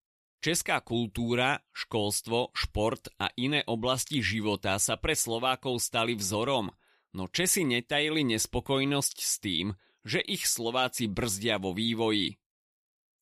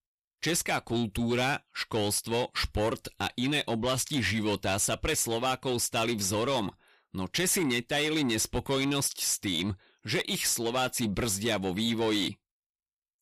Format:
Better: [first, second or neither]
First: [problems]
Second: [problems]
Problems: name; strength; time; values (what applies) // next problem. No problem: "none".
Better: first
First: none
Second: distortion; slight; 10 dB below the speech